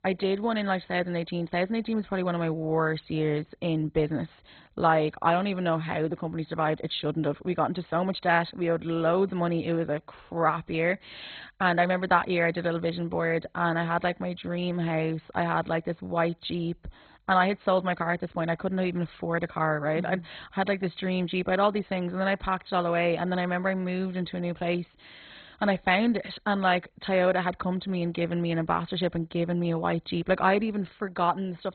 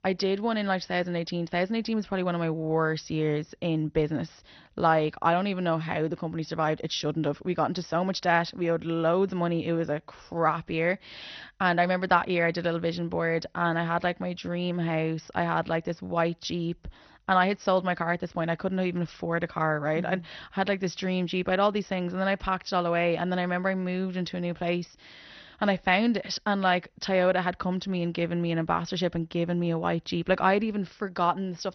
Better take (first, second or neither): second